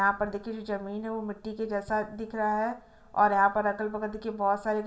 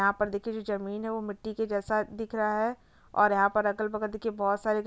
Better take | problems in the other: second | room echo; dies away in 1.2 s

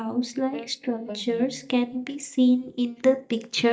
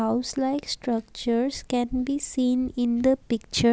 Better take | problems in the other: second | noise reduction (neural mask model DeepFilterNet 3)

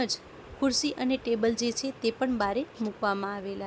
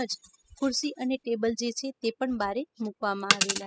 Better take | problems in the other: first | noise reduction (classical method spectral subtraction)

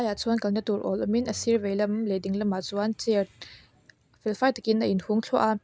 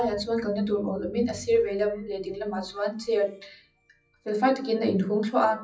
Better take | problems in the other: first | noise reduction (classical method WPE with log-MMSE)

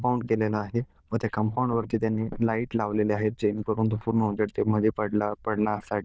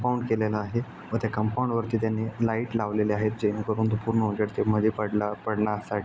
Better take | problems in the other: second | noise reduction (neural diffusion model UNIVERSE++)

